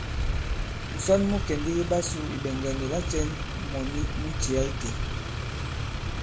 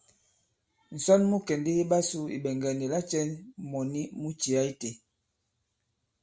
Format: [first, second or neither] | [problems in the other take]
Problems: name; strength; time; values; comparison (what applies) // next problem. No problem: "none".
second | background sound (Motor vehicle (road)); as loud as the speech